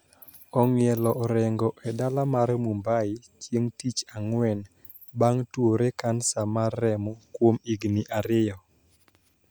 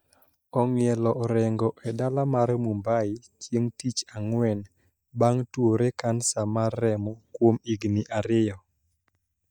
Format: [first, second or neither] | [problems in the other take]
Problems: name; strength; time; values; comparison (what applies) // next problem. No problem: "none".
first | noise reduction (neural mask model DeepFilterNet 3)